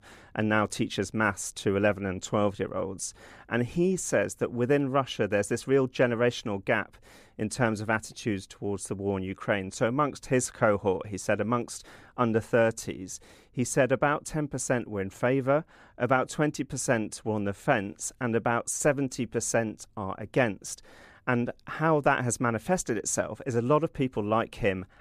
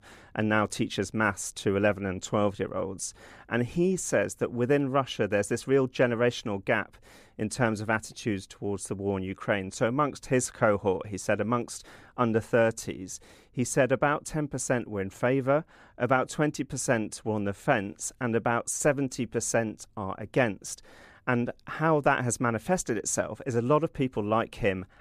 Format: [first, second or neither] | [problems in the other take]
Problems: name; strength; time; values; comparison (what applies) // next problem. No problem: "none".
neither | none